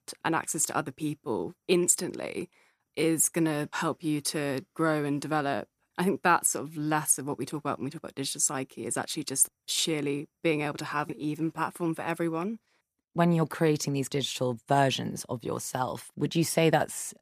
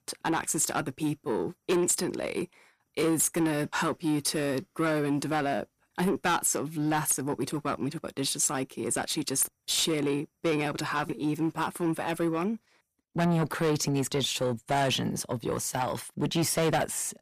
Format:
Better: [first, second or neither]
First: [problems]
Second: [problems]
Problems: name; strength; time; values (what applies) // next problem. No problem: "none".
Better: first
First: none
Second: distortion; heavy; 7 dB below the speech